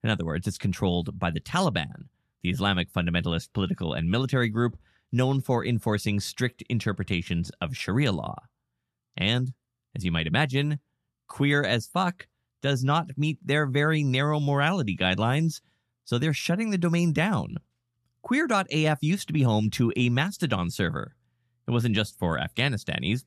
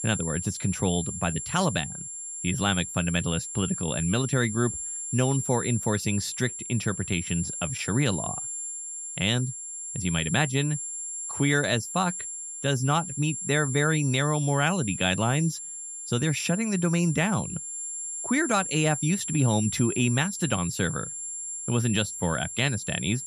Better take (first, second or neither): first